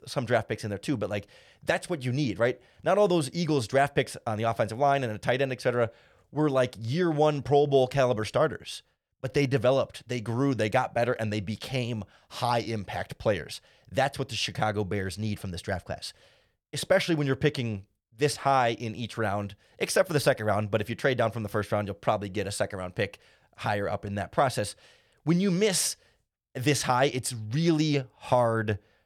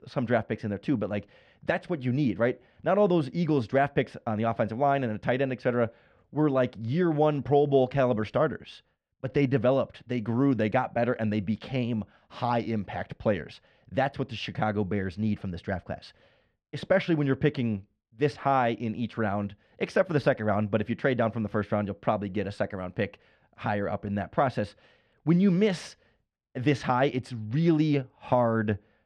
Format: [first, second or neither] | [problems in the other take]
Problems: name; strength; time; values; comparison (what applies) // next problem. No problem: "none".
first | muffled; slightly; fading above 2.5 kHz